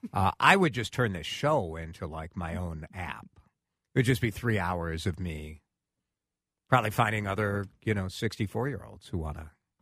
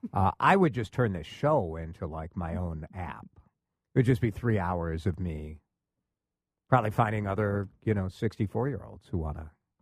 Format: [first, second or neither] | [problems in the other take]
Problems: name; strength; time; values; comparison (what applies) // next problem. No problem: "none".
first | muffled; slightly; fading above 1.5 kHz